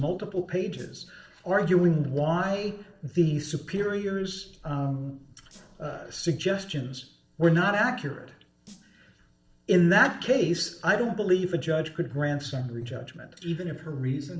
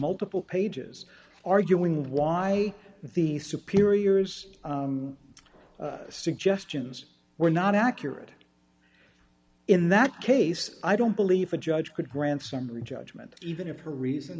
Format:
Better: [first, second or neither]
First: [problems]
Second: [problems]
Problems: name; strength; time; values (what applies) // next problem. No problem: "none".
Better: second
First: noise reduction (neural separator model SepFormer DNS4)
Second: none